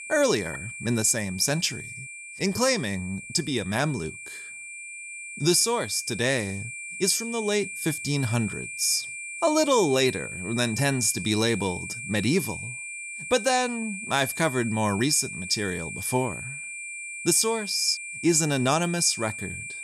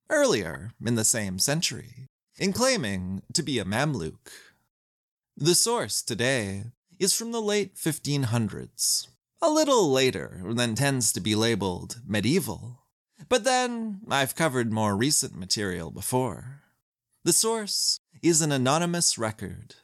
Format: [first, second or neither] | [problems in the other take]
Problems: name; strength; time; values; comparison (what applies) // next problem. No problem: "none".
second | high-pitched whine; loud; throughout; 2.5 kHz, 10 dB below the speech